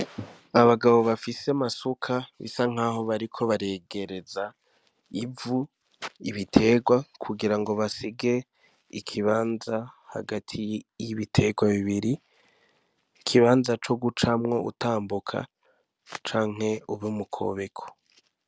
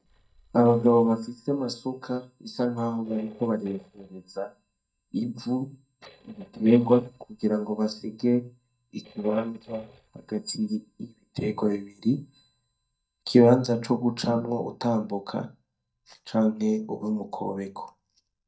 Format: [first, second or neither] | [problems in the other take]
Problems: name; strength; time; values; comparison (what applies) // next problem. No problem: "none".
first | noise reduction (neural mask model DeepFilterNet 3)